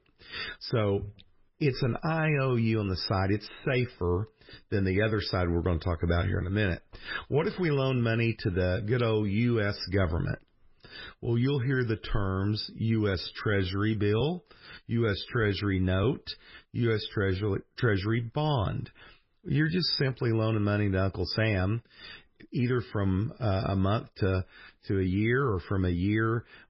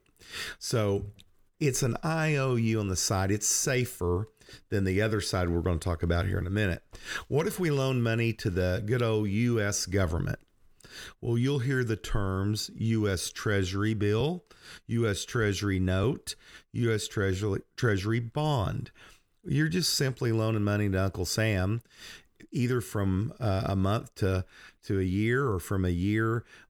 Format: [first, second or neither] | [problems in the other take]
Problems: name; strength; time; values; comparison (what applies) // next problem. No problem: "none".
second | garbled, watery; badly; nothing above 5.5 kHz